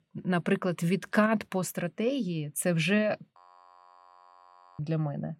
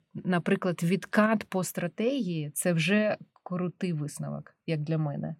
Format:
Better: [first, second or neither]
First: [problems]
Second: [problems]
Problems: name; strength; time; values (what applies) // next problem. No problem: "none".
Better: second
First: audio freezing; at 3.5 s for 1.5 s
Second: none